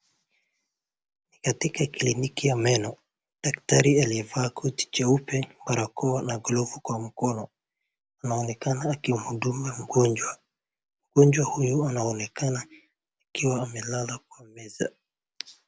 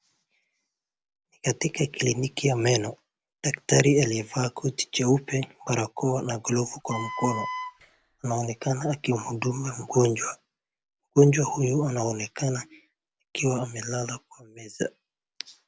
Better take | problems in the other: first | background sound (Wind instrument, woodwind instrument); 8 dB below the speech

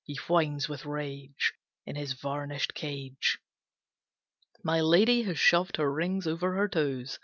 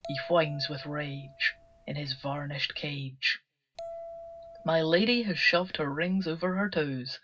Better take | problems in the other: first | background sound (Bell); 17 dB below the speech // room echo; dies away in 0.4 s

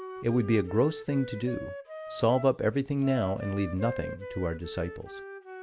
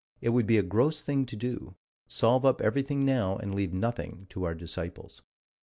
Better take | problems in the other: second | background sound (Wind instrument, woodwind instrument); 11 dB below the speech

